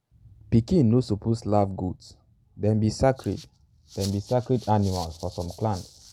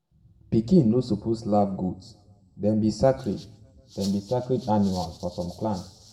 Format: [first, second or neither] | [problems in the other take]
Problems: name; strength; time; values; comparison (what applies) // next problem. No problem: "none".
first | room echo; dies away in 0.8 s